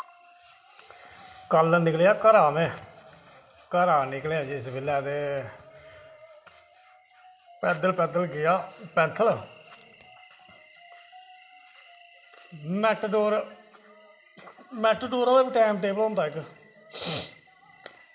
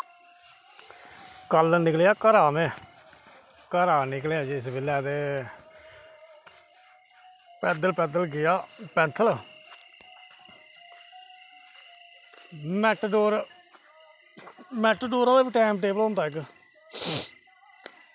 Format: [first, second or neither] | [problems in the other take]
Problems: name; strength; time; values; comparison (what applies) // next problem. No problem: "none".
second | room echo; dies away in 1.6 s